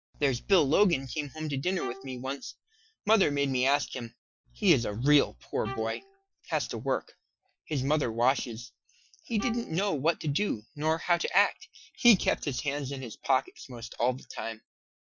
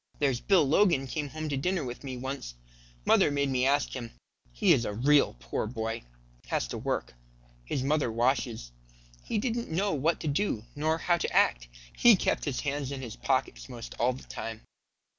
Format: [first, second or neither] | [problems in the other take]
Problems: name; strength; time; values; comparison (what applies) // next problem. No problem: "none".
second | noise reduction (classical method Wiener filter)